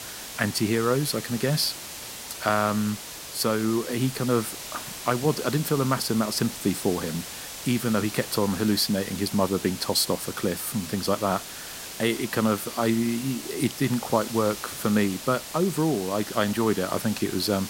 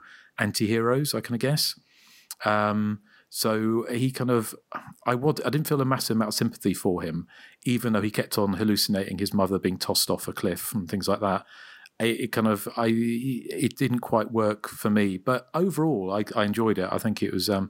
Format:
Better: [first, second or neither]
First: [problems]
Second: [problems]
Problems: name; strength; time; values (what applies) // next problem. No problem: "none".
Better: second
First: hiss; loud; throughout; 10 dB below the speech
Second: none